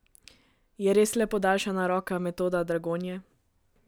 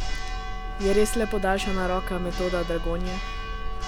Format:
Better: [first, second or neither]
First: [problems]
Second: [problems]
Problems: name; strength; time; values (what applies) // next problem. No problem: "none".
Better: first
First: none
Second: background sound (Church bell); as loud as the speech